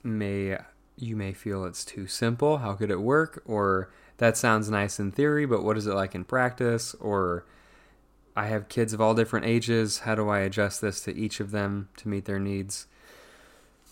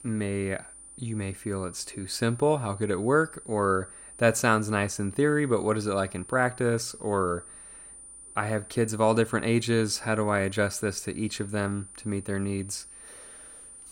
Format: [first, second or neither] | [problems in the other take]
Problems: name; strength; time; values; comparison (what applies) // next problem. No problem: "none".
first | high-pitched whine; noticeable; throughout; 9.5 kHz, 15 dB below the speech